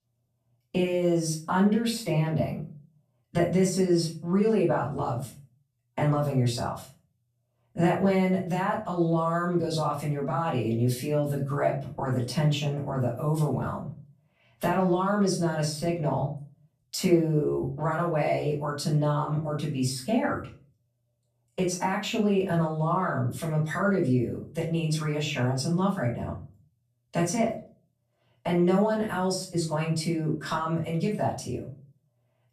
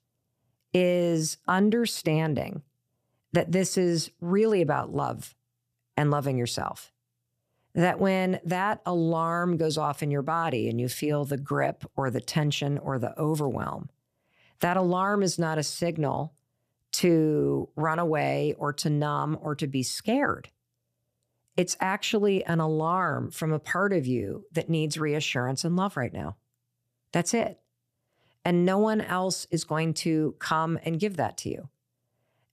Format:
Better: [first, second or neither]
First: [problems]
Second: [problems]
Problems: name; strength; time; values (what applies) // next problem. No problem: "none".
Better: second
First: off-mic speech; far // room echo; slight; dies away in 0.3 s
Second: none